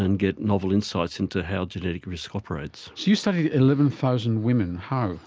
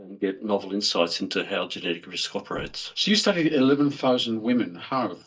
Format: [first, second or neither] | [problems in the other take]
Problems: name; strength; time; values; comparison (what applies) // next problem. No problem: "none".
first | noise reduction (neural mask model DeepFilterNet 3)